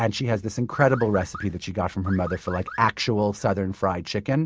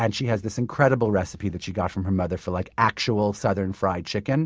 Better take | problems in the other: second | background sound (Car); 15 dB below the speech

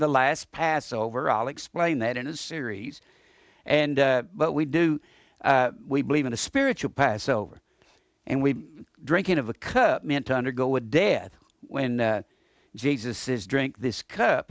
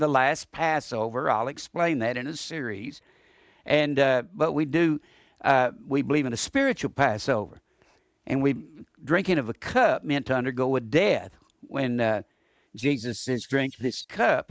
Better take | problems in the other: first | noise reduction (neural mask model Resemble Enhance denoiser)

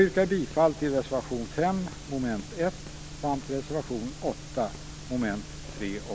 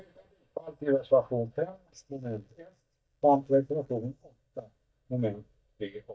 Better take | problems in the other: first | noise reduction (neural mask model DeepFilterNet 3)

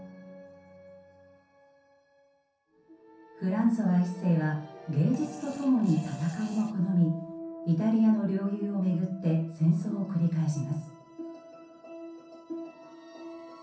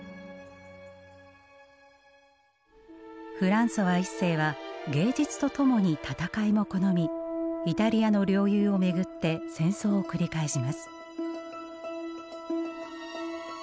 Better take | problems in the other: second | background sound (Fart); 19 dB below the speech // room echo; dies away in 0.6 s

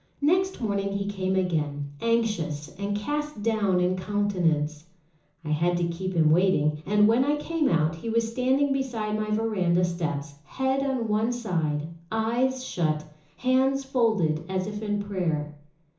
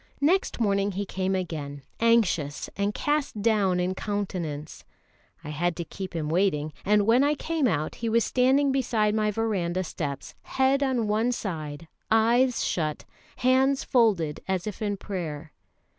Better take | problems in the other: second | room echo; dies away in 0.7 s

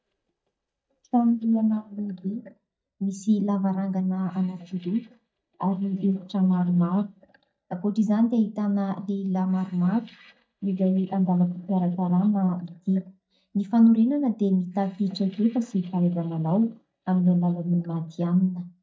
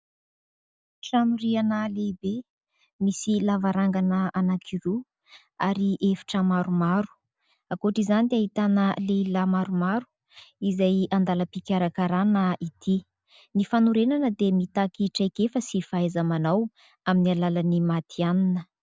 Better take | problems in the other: second | noise reduction (neural mask model DeepFilterNet 3)

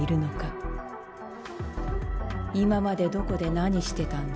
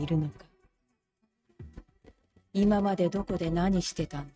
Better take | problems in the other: first | noise reduction (neural mask model RNNoise)

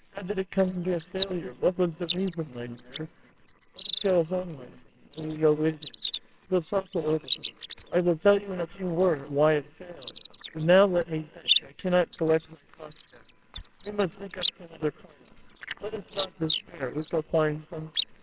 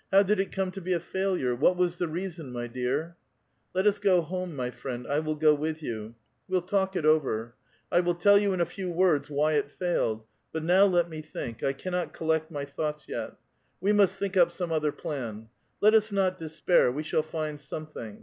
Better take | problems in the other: second | noise reduction (neural separator model SepFormer WHAMR!)

